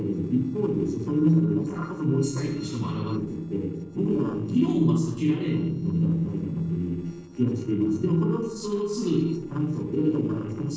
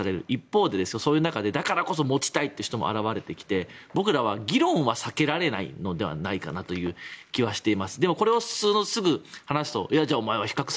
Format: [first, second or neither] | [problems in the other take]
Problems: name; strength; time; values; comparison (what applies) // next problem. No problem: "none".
second | noise reduction (neural separator model SepFormer DNS4)